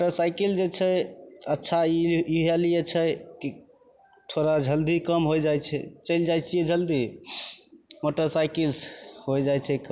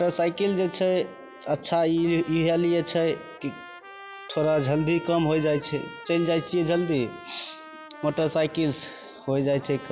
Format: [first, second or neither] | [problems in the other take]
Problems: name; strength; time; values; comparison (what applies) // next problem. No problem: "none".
first | background sound (Trumpet); 18 dB below the speech